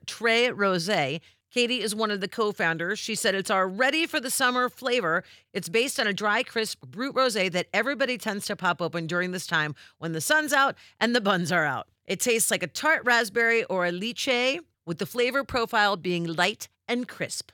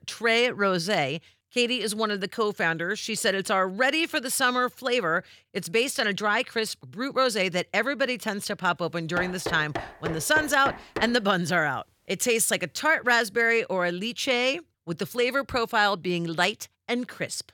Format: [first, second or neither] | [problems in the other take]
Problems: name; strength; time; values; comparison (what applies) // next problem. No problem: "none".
first | door banging; noticeable; from 9 to 11 s; peak 8 dB below the speech